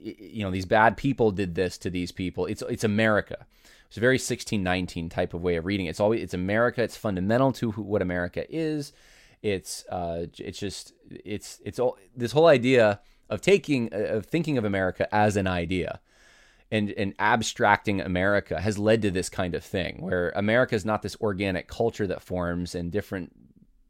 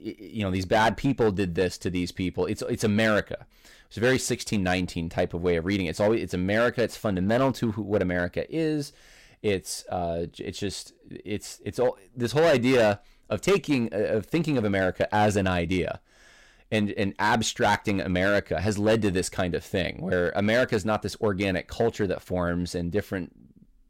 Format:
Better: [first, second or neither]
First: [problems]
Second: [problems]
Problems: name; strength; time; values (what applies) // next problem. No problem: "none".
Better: first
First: none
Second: distortion; slight; 5% of the sound clipped